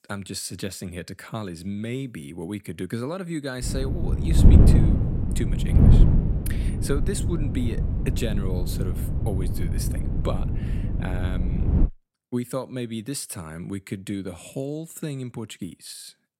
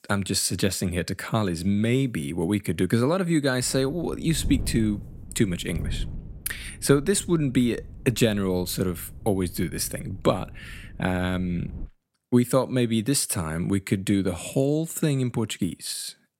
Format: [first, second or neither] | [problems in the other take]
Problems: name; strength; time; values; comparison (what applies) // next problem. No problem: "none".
second | wind noise on the microphone; heavy; from 3.5 to 12 s; as loud as the speech; occasional gusts in the second